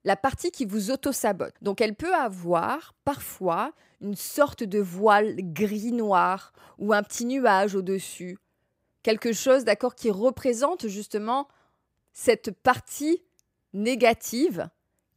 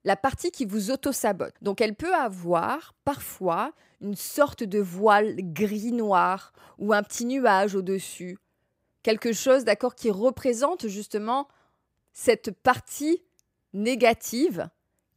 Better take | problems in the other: neither | none

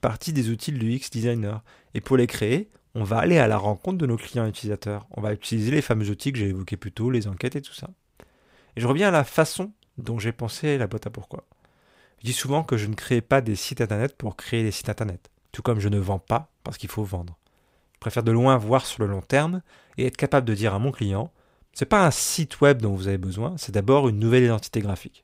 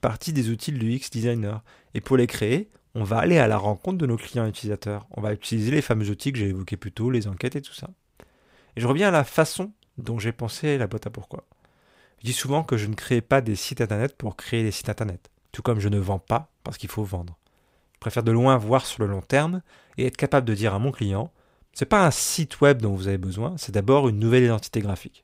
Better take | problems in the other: neither | none

